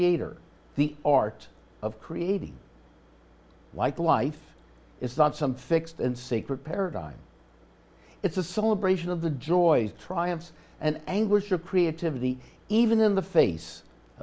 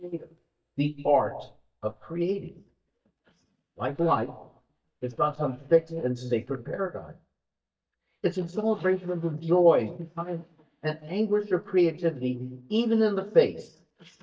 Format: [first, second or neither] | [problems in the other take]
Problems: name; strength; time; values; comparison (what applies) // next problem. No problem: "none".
first | noise reduction (neural mask model DeepFilterNet 3)